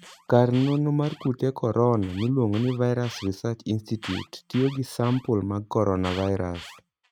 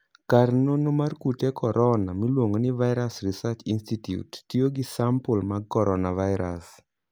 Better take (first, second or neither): second